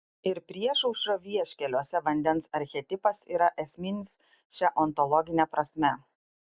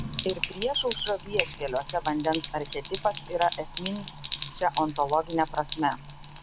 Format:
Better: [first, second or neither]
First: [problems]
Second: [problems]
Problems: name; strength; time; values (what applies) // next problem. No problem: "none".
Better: first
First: none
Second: background sound (Sink (filling or washing)); 8 dB below the speech